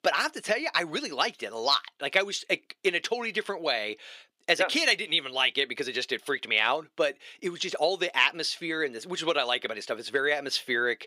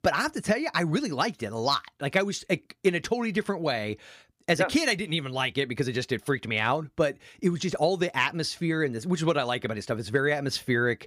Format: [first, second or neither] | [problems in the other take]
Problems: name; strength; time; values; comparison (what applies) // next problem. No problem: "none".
second | thin; somewhat; fading below 450 Hz